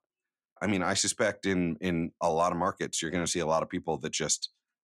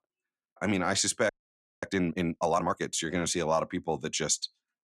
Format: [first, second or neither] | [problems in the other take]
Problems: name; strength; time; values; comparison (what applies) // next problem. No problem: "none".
first | audio freezing; at 1.5 s for 0.5 s